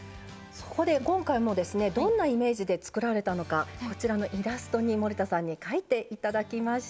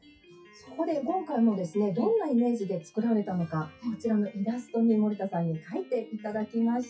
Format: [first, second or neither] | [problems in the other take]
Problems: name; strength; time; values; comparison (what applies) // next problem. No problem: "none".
first | noise reduction (classical method WPE with log-MMSE)